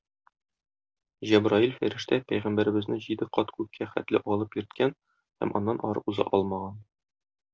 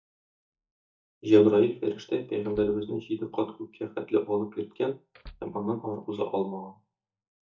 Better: first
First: none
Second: noise reduction (neural mask model DeepFilterNet 3)

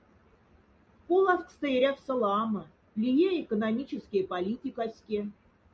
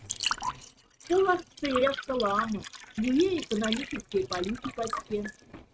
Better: first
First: none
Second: noise reduction (neural mask model RNNoise)

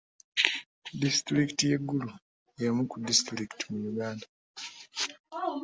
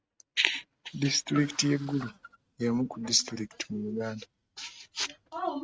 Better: first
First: none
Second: noise reduction (neural mask model RNNoise)

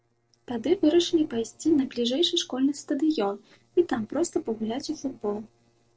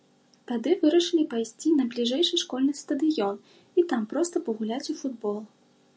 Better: second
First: noise reduction (neural separator model SepFormer DNS4)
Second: none

